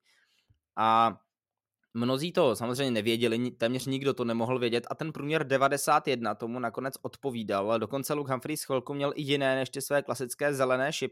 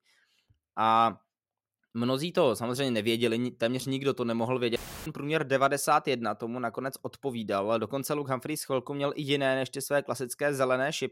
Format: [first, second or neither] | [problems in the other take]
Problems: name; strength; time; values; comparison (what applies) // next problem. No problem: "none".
first | audio cutting out; filled with static; at 5 s